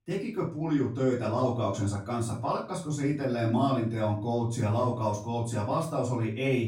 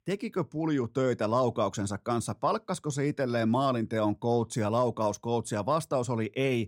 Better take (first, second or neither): second